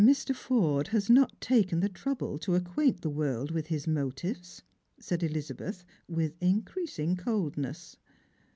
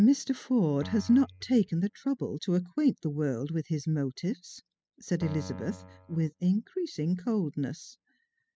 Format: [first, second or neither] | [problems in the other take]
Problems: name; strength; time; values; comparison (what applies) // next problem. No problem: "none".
first | noise reduction (classical method spectral subtraction)